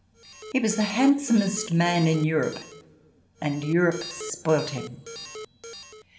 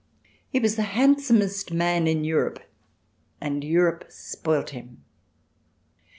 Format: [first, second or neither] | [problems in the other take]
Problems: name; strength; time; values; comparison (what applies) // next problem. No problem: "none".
second | background sound (Alarm); 14 dB below the speech // room echo; dies away in 0.7 s